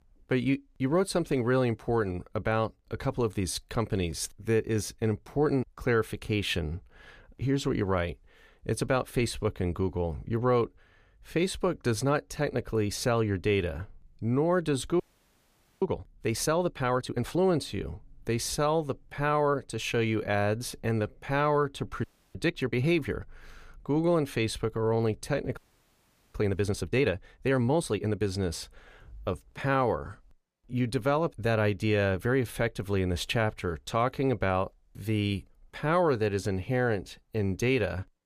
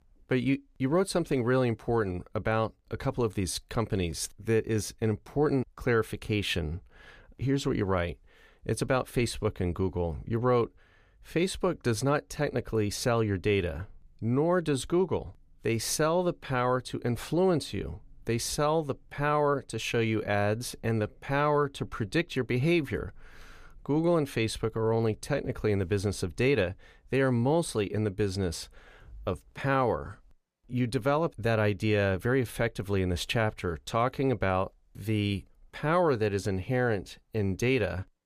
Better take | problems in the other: second | audio freezing; at 15 s for 1 s, at 22 s and at 26 s for 1 s

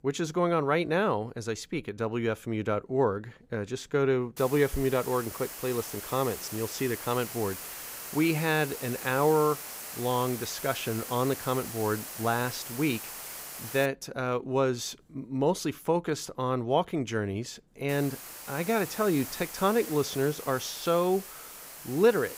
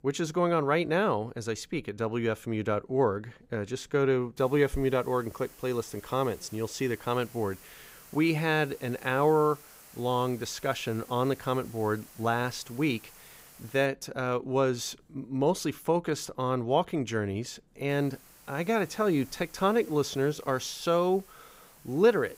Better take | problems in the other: second | hiss; loud; from 4.5 to 14 s and from 18 s on; 9 dB below the speech; faint in the second

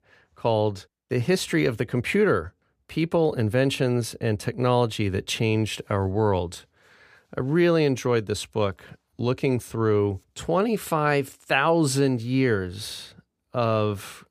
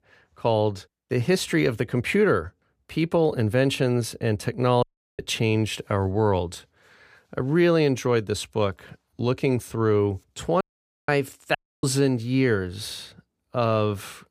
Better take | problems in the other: first | audio cutting out; at 5 s, at 11 s and at 12 s

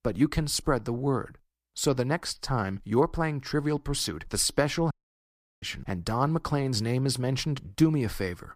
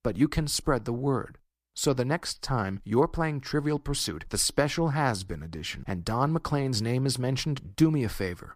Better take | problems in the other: second | audio cutting out; at 5 s for 0.5 s

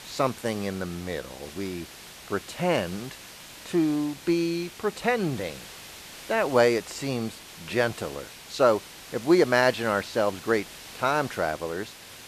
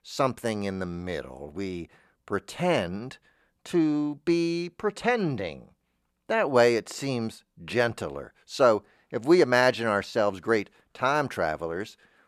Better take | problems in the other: second | hiss; noticeable; throughout; 15 dB below the speech

